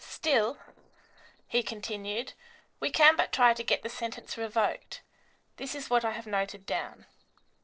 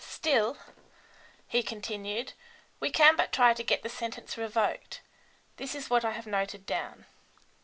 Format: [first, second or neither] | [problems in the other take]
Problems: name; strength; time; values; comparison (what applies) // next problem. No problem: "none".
second | noise reduction (neural separator model SepFormer DNS4)